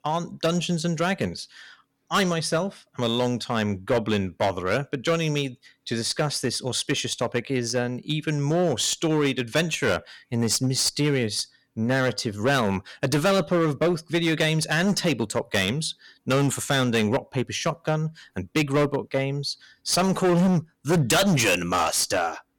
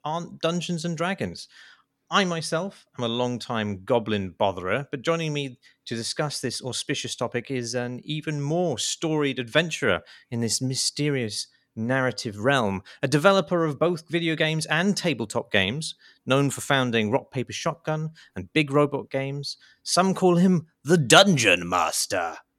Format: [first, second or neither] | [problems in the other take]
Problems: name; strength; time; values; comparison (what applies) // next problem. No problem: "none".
second | distortion; heavy; 9% of the sound clipped